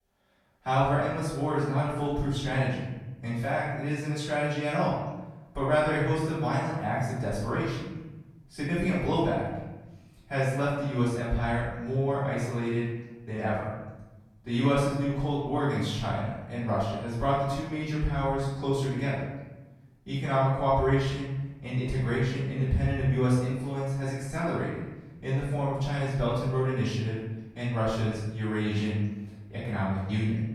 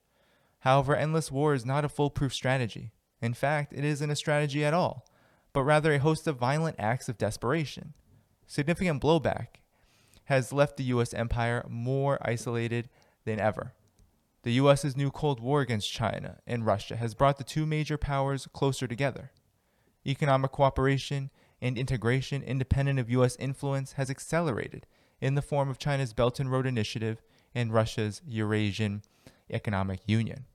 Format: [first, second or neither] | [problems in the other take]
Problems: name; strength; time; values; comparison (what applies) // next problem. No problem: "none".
second | room echo; strong; dies away in 1.1 s // off-mic speech; far